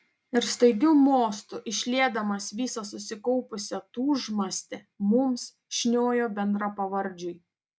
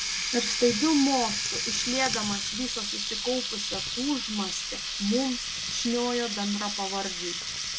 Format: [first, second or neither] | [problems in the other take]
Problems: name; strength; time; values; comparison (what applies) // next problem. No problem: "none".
first | background sound (Water tap, faucet); 2 dB below the speech